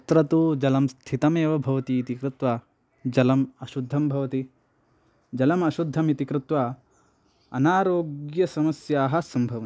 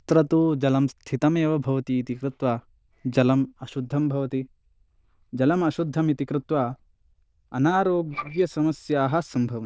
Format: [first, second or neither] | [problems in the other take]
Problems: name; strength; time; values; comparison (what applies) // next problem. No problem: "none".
first | noise reduction (neural diffusion model UNIVERSE++)